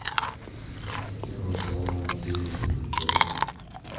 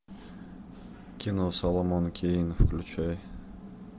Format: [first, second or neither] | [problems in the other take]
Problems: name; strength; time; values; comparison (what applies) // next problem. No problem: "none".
second | background sound (Chewing, mastication); 2 dB above the speech // room echo; dies away in 1.3 s